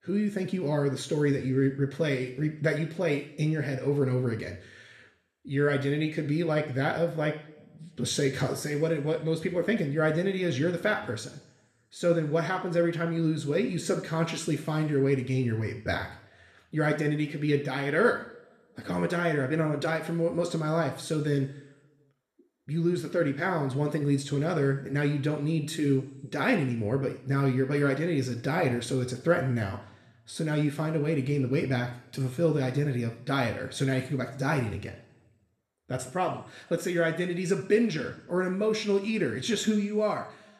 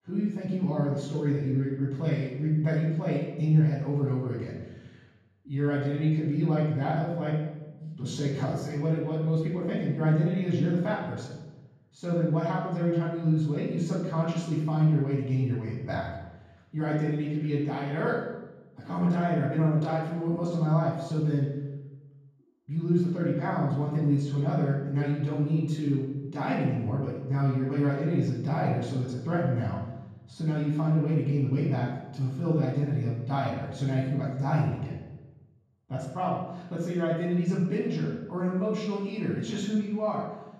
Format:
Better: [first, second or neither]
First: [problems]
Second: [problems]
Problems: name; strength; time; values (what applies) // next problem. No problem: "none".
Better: first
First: room echo; slight; dies away in 0.7 s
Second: room echo; strong; dies away in 1.3 s // off-mic speech; far